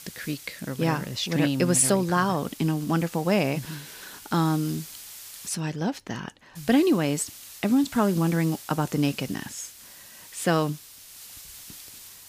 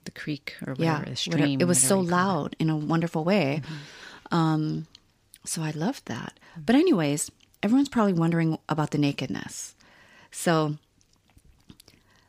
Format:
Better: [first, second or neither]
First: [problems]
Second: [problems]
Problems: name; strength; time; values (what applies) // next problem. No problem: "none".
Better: second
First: hiss; noticeable; until 5.5 s and from 6.5 s on; 15 dB below the speech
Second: none